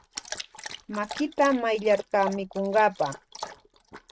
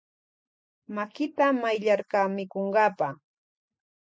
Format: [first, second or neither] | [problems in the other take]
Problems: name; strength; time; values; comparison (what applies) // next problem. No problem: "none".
second | noise reduction (neural mask model RNNoise)